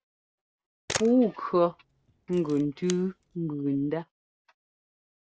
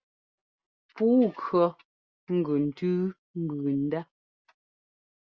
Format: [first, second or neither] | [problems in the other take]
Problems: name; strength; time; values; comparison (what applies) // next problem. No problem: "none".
second | background sound (Camera); 12 dB below the speech